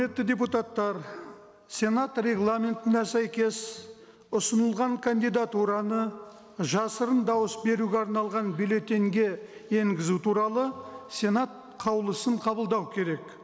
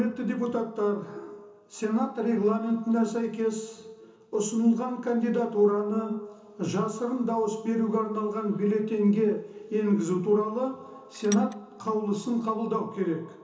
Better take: first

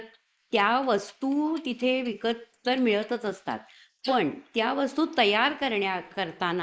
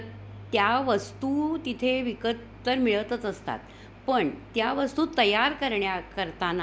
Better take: second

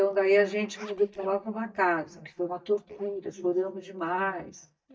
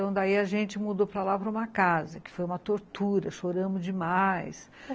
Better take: second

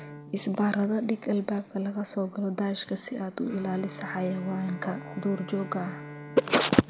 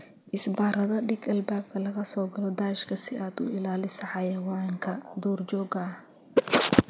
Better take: second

